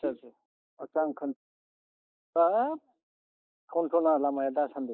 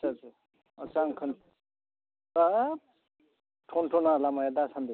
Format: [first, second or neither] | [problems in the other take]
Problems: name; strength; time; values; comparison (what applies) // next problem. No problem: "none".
second | noise reduction (neural mask model Resemble Enhance denoiser)